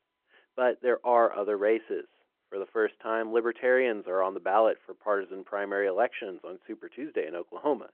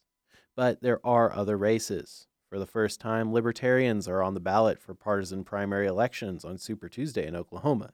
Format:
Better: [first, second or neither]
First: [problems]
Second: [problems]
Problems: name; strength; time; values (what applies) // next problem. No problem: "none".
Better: second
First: phone-call audio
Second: none